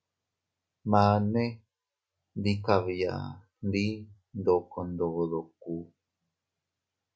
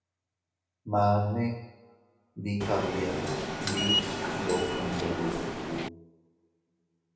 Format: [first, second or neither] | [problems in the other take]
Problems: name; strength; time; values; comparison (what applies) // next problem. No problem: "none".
first | background sound (Subway, metro, underground); 1 dB above the speech // room echo; dies away in 0.9 s